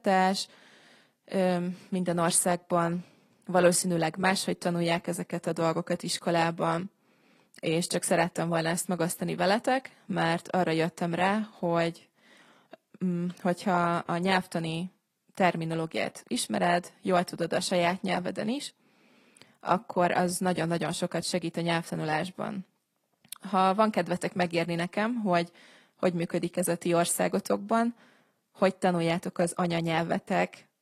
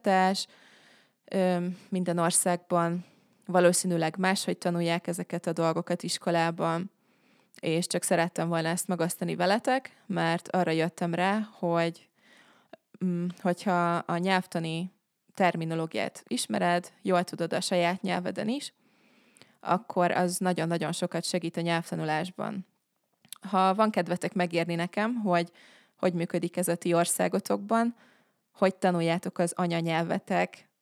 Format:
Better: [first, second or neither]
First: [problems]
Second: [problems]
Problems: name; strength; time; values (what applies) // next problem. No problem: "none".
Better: second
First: garbled, watery; slightly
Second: none